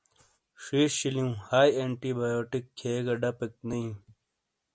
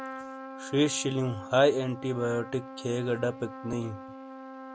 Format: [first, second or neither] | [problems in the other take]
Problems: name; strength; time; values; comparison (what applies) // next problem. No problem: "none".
first | background sound (Trumpet); 12 dB below the speech